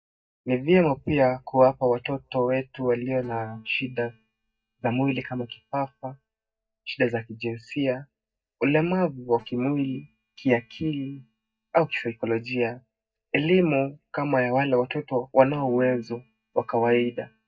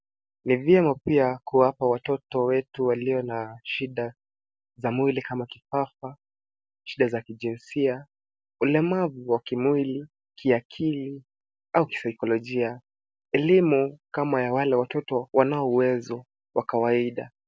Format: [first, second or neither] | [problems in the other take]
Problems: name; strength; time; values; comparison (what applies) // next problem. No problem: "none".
second | noise reduction (neural mask model DeepFilterNet 3)